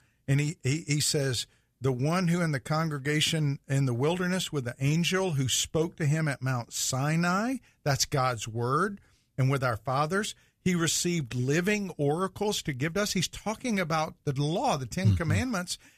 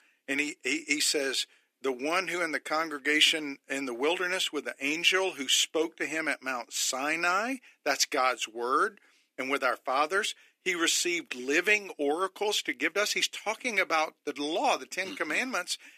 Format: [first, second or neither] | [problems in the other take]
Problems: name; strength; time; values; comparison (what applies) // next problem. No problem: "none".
first | thin; somewhat; fading below 300 Hz